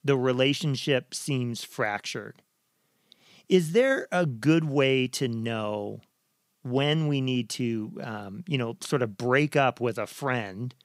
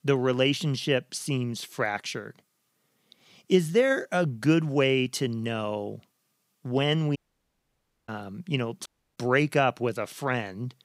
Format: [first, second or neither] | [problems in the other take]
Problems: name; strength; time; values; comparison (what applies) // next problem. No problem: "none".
first | audio cutting out; at 7 s for 1 s and at 9 s